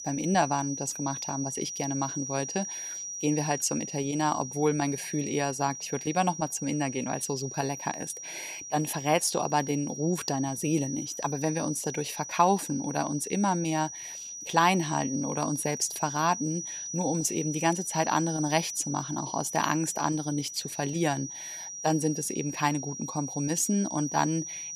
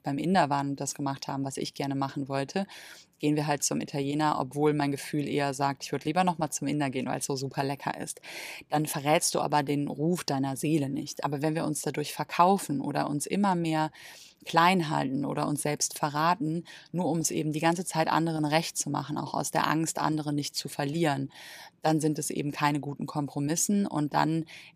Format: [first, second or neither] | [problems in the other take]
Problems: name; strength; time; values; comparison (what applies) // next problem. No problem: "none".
second | high-pitched whine; loud; throughout; 6 kHz, 7 dB below the speech